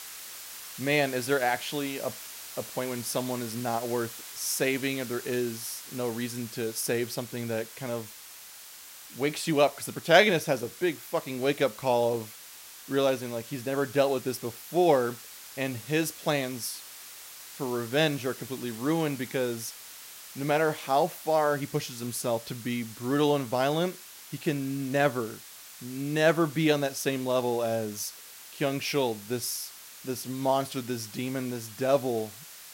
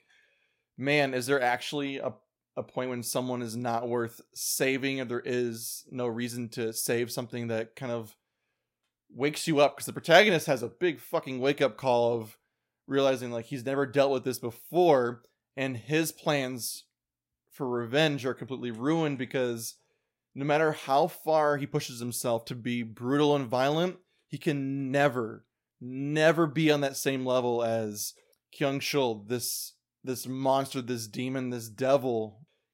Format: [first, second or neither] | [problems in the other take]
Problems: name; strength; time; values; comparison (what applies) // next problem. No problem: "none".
second | hiss; noticeable; throughout; 15 dB below the speech